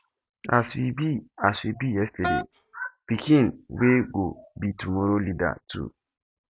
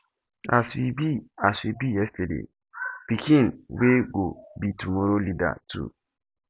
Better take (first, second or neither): second